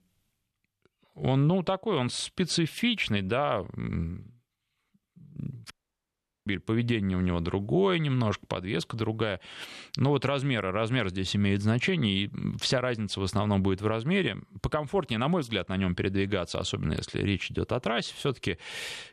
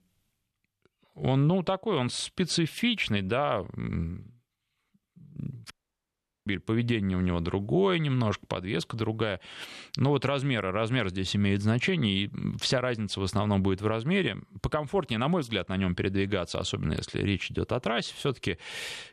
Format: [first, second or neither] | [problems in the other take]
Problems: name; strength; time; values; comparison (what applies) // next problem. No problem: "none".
neither | audio cutting out; at 5.5 s for 1 s; the same in both